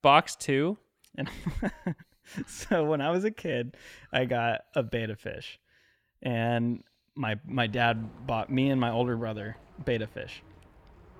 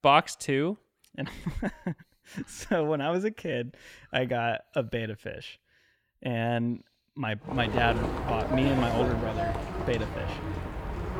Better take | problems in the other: first | animal sounds; loud; from 7.5 s on; 2 dB below the speech; faint in the first

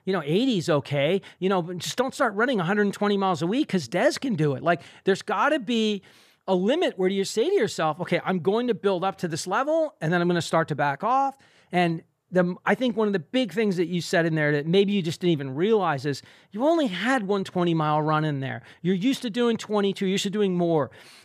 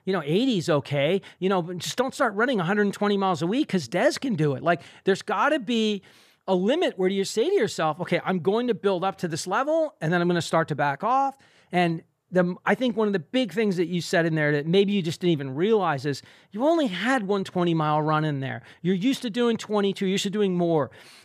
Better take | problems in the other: neither | none

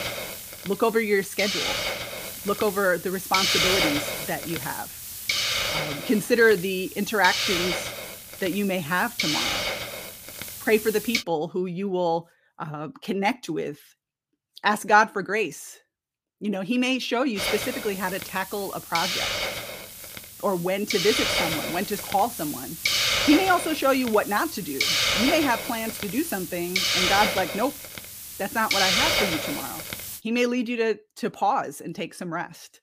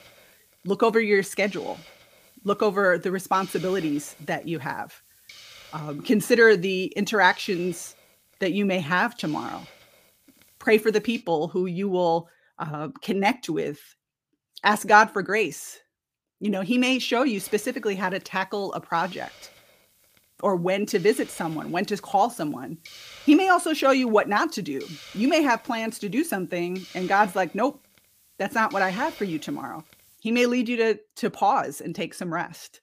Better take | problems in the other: second | hiss; loud; until 11 s and from 17 to 30 s; as loud as the speech; faint in the second

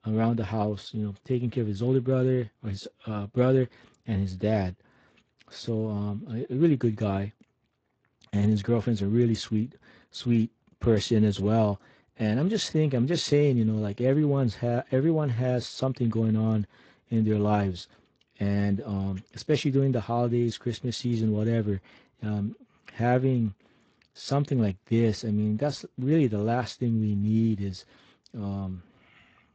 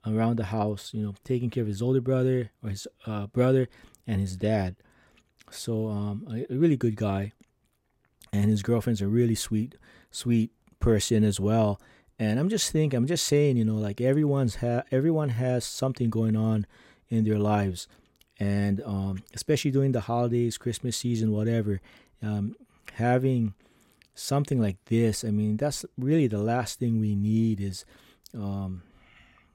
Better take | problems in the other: second | garbled, watery; slightly; nothing above 8 kHz

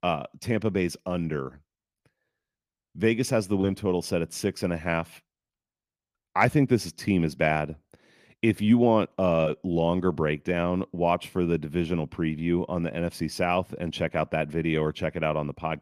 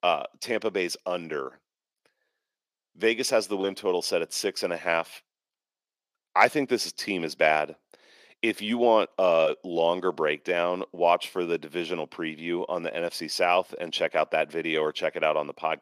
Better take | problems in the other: first | thin; somewhat; fading below 500 Hz

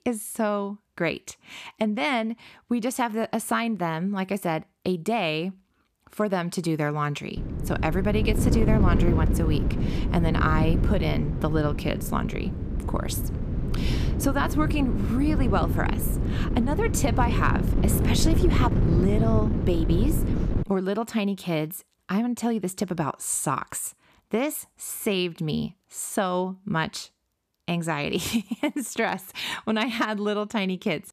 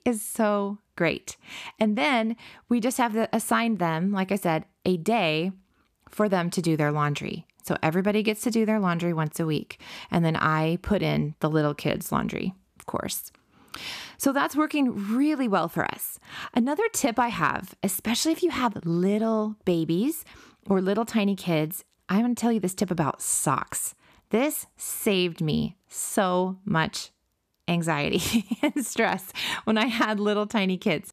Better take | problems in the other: second | wind noise on the microphone; heavy; from 7.5 to 21 s; 6 dB below the speech

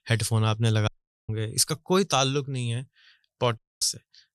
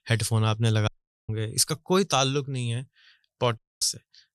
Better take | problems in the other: neither | audio cutting out; at 1 s and at 3.5 s; the same in both

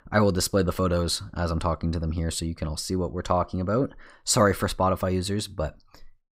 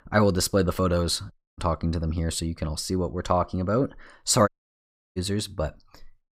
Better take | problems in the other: first | audio cutting out; at 1.5 s and at 4.5 s for 0.5 s

